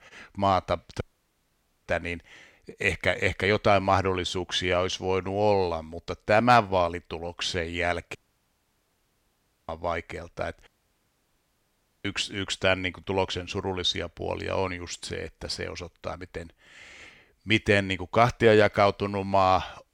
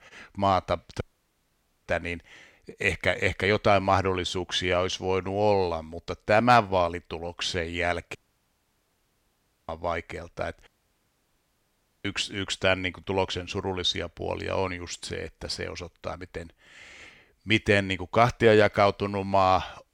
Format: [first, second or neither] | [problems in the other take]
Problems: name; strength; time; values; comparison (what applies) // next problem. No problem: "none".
neither | audio cutting out; at 1 s for 1 s, at 8 s for 1.5 s and at 11 s for 1.5 s; the same in both